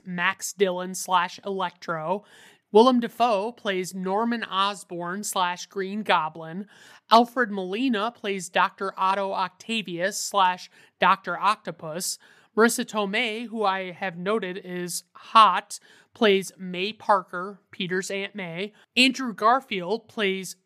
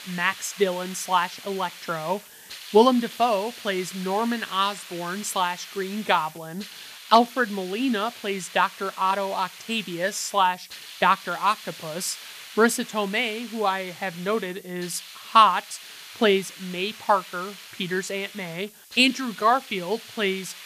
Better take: first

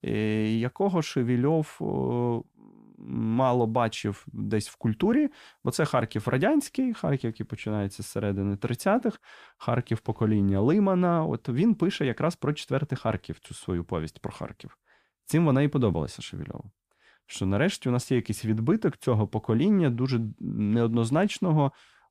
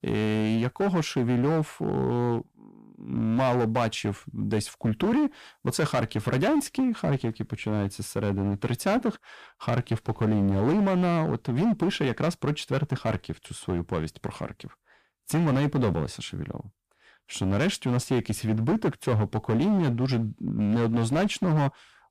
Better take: first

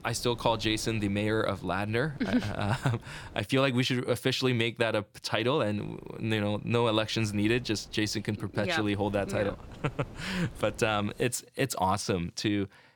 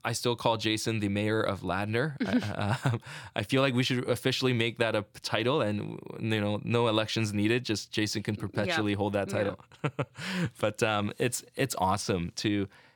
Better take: second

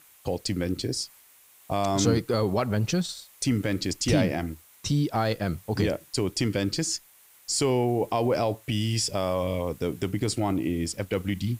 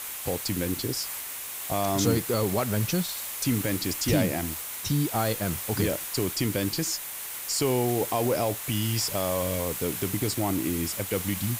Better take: first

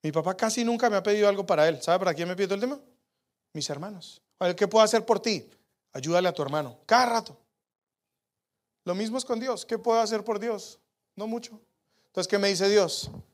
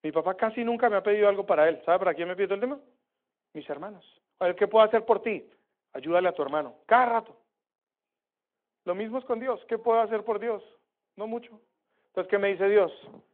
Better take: first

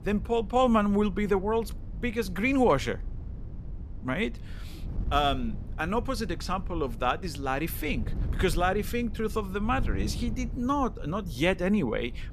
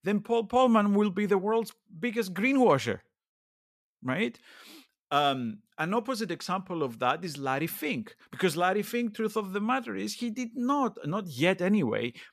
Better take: second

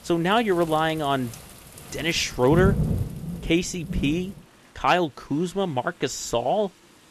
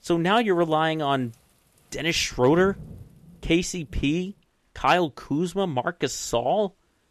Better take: second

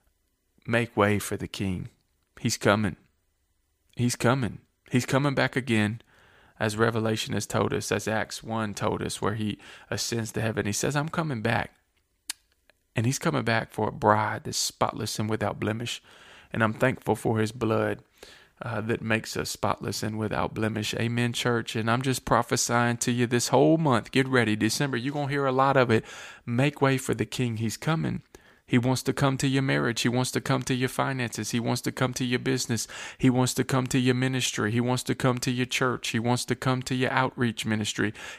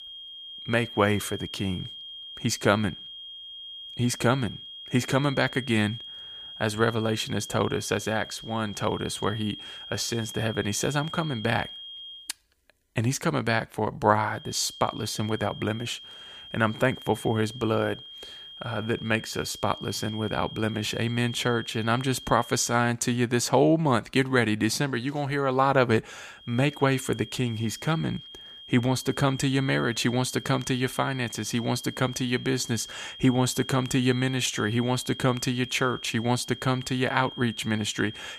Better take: first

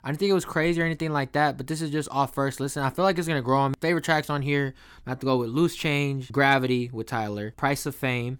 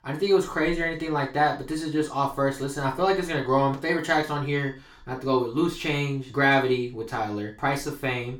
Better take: first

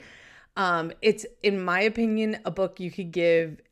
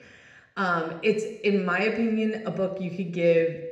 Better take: first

